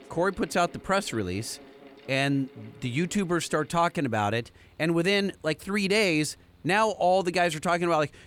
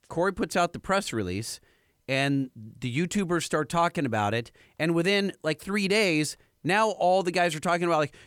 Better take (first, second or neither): second